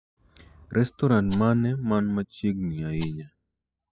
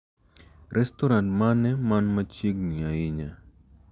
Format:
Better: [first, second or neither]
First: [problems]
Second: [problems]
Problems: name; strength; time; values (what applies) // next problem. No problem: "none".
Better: second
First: noise reduction (classical method spectral subtraction)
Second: none